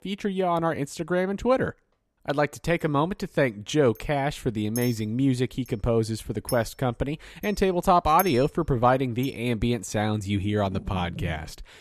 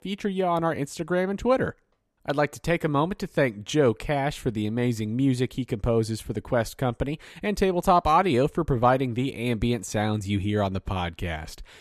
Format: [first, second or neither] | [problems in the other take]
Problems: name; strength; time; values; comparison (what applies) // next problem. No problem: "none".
second | household noises; noticeable; throughout; 15 dB below the speech